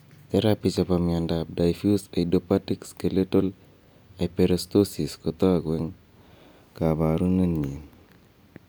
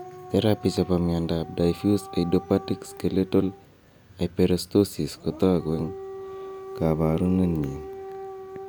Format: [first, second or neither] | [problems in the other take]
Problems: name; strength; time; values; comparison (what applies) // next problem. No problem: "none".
first | background sound (Siren / Dog); 15 dB below the speech